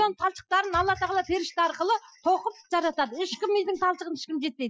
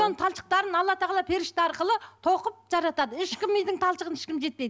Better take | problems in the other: second | noise reduction (classical method Wiener filter)

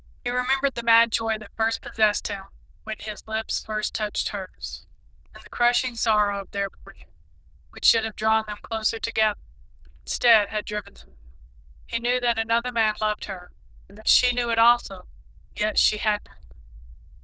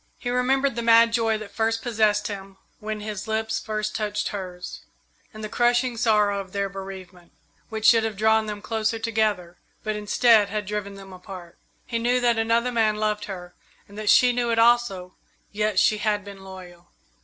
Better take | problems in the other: second | noise reduction (neural diffusion model UNIVERSE++)

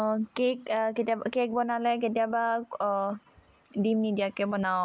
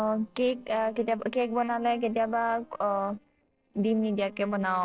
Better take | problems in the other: first | noise reduction (neural separator model SepFormer DNS4)

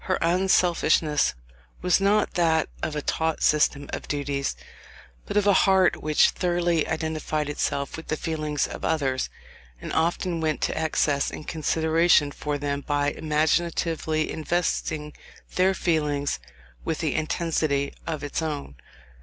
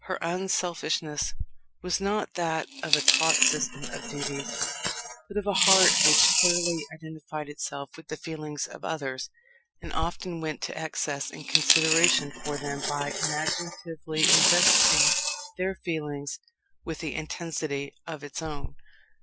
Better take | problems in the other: first | noise reduction (classical method Wiener filter)

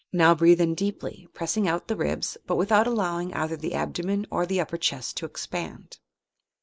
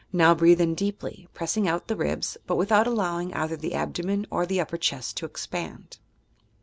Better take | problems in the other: second | noise reduction (neural mask model Resemble Enhance denoiser)

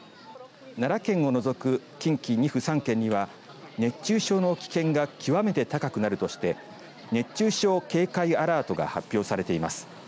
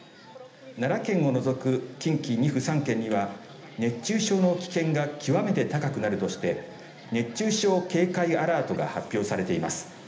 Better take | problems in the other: first | room echo; dies away in 0.8 s

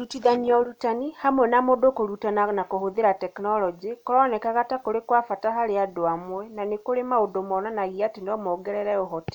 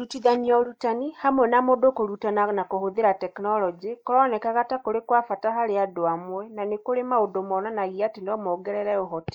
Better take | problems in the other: first | noise reduction (neural mask model Resemble Enhance denoiser)

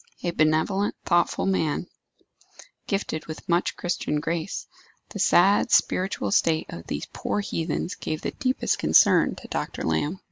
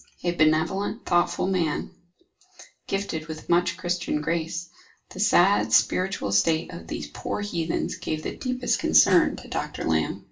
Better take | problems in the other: first | background sound (Snare drum); 15 dB below the speech // room echo; dies away in 0.2 s

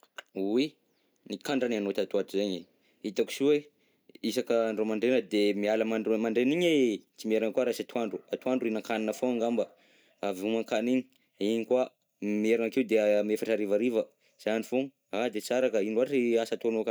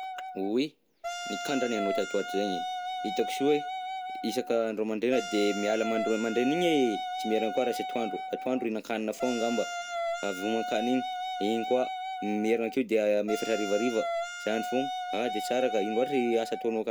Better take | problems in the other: first | background sound (Wind instrument, woodwind instrument); 6 dB below the speech

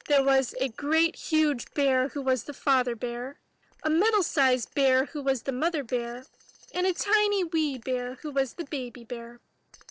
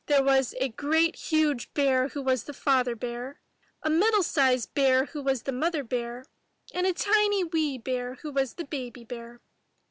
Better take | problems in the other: second | noise reduction (neural separator model SepFormer DNS4)

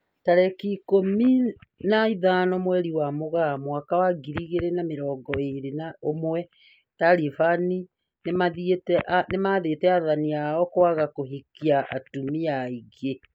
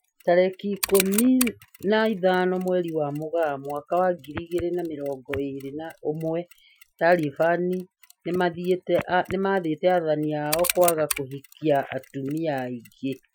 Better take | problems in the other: first | noise reduction (classical method Wiener filter)

